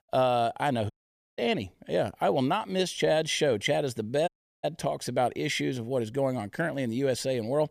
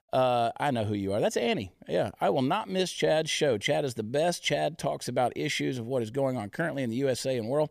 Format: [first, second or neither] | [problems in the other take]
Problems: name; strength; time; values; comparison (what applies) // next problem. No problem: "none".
second | audio cutting out; at 1 s and at 4.5 s